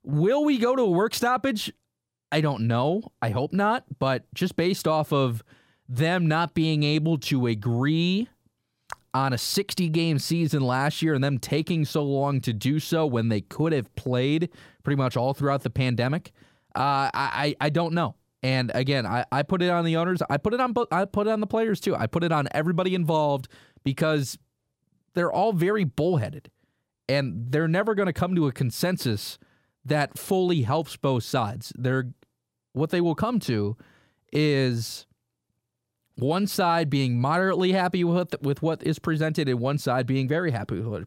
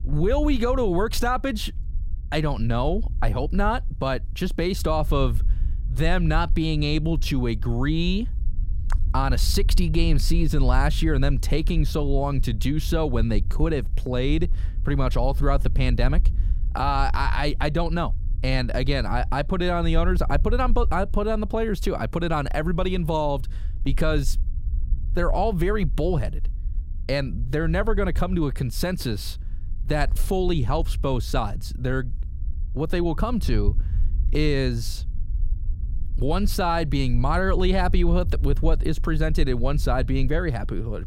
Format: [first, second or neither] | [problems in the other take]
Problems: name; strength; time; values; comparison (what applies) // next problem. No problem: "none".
first | low rumble; faint; throughout; 25 dB below the speech